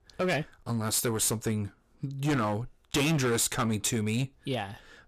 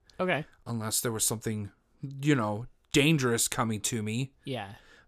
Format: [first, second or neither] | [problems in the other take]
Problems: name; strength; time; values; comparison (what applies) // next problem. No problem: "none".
second | distortion; heavy; 11% of the sound clipped